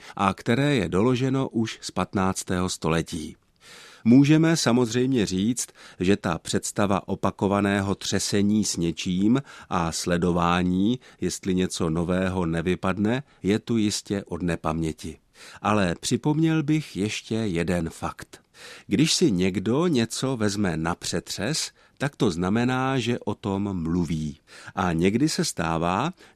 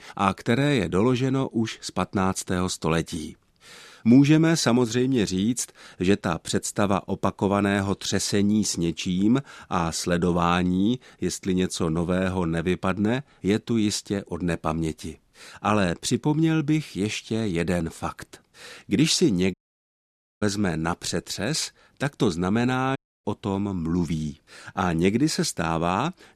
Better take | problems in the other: first | audio cutting out; at 20 s for 1 s and at 23 s

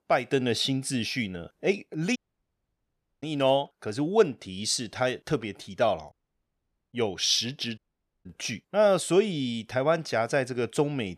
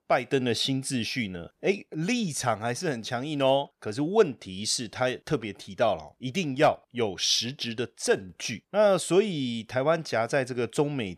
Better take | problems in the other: second | audio cutting out; at 2 s for 1 s, at 6 s for 1 s and at 8 s

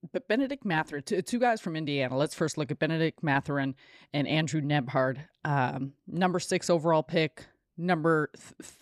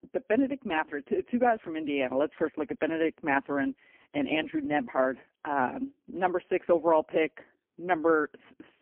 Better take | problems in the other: first | phone-call audio; poor line; nothing above 3 kHz

